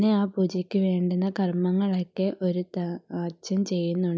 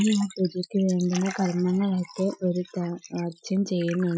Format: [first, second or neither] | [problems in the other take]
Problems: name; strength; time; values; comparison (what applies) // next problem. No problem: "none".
first | noise reduction (classical method Wiener filter)